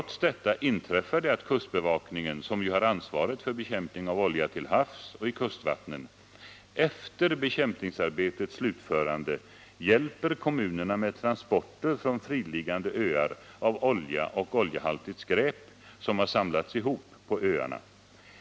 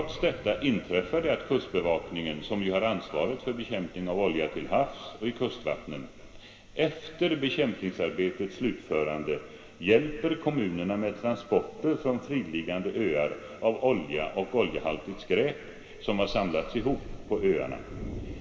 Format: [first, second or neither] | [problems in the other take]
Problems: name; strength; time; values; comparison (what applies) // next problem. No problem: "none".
first | background sound (Thunder); 17 dB below the speech // room echo; dies away in 2.3 s